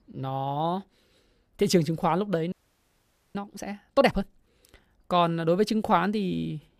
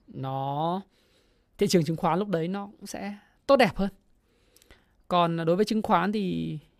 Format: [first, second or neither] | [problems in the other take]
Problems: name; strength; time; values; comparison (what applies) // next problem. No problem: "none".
second | audio freezing; at 2.5 s for 1 s